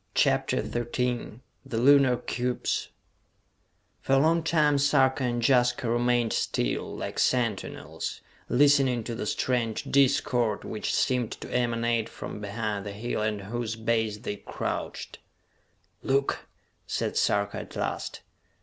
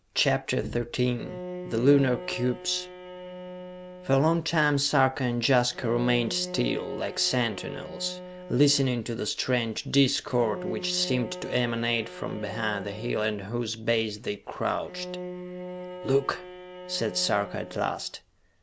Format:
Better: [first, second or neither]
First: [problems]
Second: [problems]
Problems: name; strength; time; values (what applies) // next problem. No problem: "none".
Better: first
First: none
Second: background sound (Bowed string instrument); 13 dB below the speech